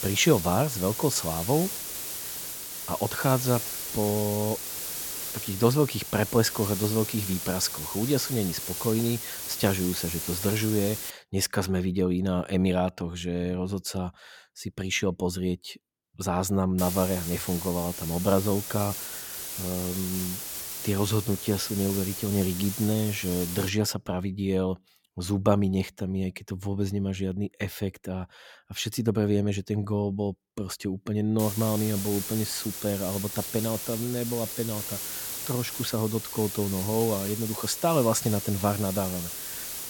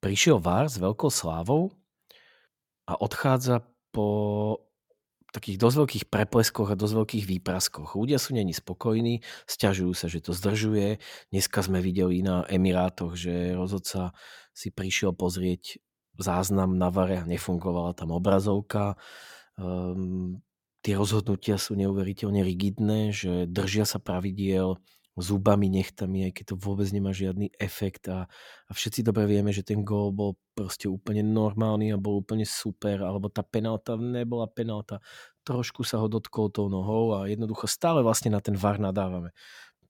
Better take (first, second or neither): second